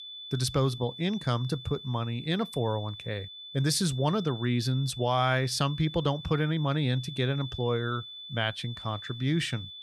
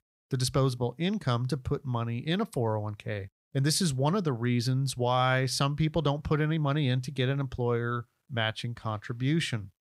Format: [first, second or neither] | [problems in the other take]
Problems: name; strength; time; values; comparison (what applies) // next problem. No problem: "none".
second | high-pitched whine; noticeable; throughout; 3.5 kHz, 10 dB below the speech